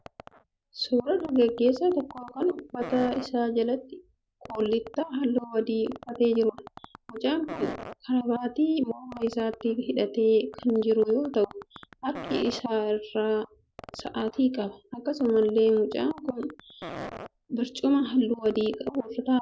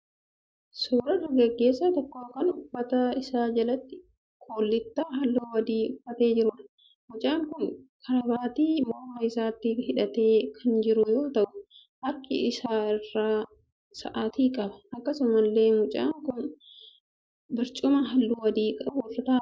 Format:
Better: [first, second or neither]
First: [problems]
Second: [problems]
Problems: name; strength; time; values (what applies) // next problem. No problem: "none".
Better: second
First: background sound (Fart); 18 dB below the speech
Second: none